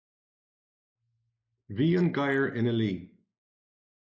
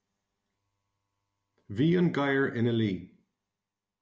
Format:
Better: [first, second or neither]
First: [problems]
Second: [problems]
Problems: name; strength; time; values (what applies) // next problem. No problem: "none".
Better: second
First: noise reduction (neural mask model Resemble Enhance denoiser)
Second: none